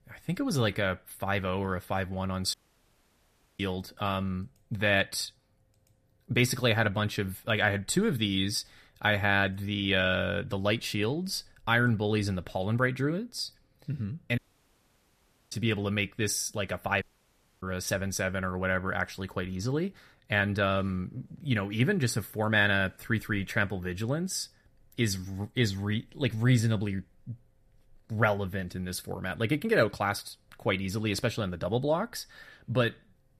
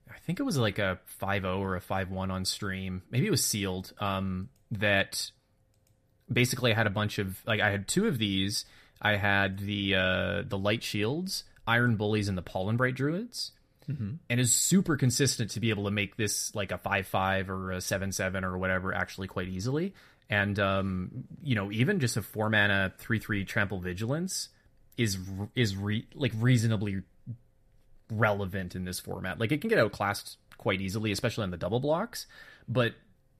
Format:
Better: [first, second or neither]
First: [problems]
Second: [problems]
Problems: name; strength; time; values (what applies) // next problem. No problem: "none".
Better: second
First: audio cutting out; at 2.5 s for 1 s, at 14 s for 1 s and at 17 s for 0.5 s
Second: none